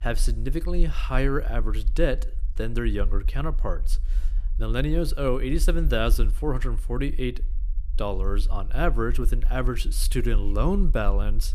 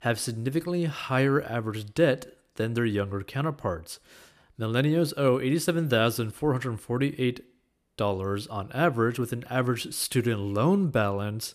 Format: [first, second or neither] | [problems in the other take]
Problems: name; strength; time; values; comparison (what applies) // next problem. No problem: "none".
second | low rumble; faint; throughout; 25 dB below the speech